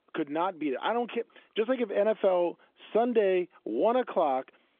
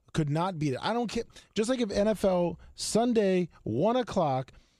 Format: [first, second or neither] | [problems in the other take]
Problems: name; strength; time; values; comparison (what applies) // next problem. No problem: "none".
second | phone-call audio; nothing above 3.5 kHz